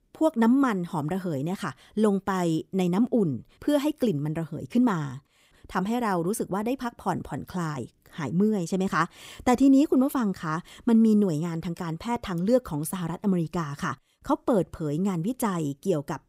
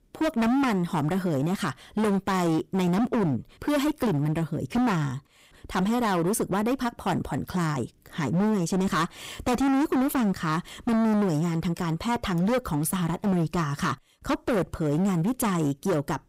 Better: first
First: none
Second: distortion; heavy; 22% of the sound clipped

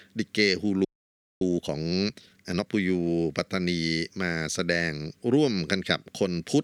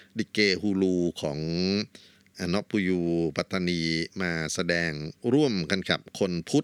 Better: second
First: audio freezing; at 1 s for 0.5 s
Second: none

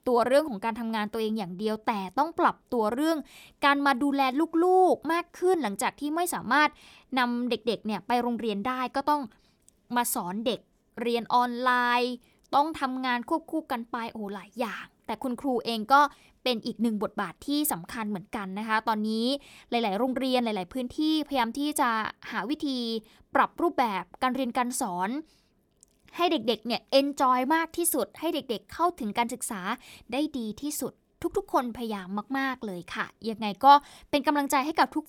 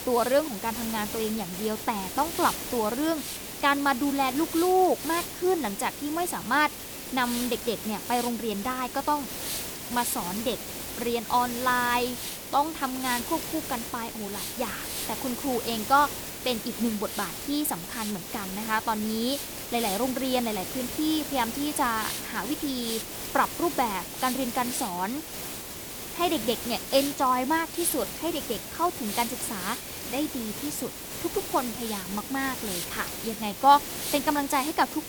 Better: first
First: none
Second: hiss; loud; throughout; 5 dB below the speech

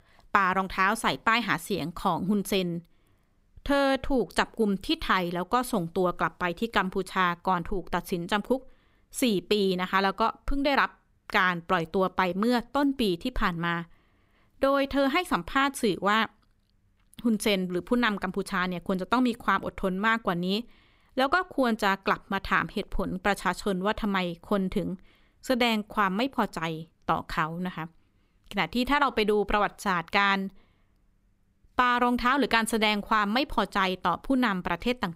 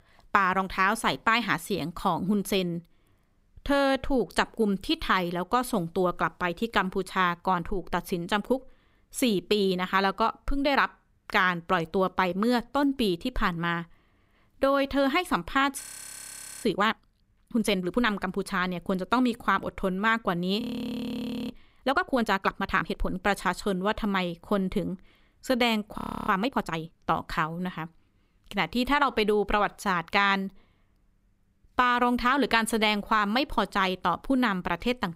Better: first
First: none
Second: audio freezing; at 16 s for 1 s, at 21 s for 1 s and at 26 s

